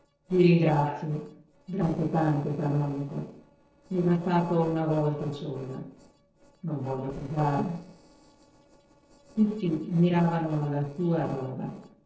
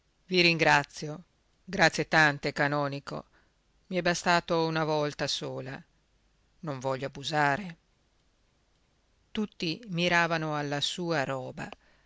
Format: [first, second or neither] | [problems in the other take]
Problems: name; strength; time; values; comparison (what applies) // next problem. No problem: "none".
second | noise reduction (neural separator model SepFormer DNS4)